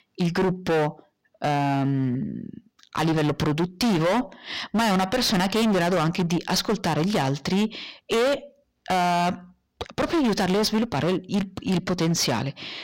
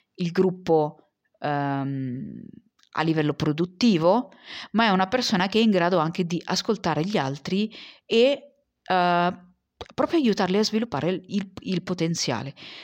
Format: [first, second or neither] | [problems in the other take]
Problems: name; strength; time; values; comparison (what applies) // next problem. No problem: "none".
second | distortion; heavy; 25% of the sound clipped